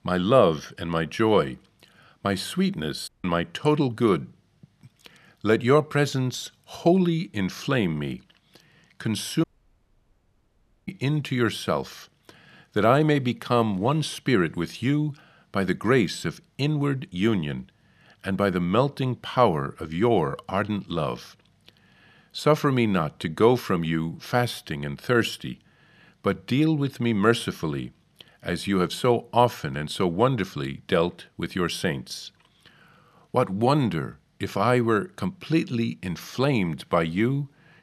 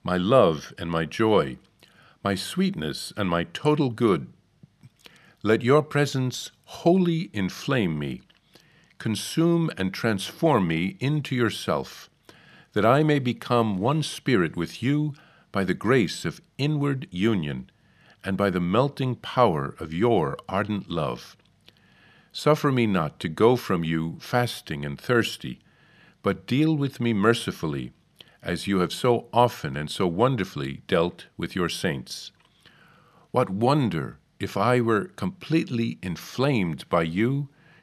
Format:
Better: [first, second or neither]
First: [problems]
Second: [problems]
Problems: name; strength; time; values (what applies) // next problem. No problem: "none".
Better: second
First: audio cutting out; at 3 s and at 9.5 s for 1.5 s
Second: none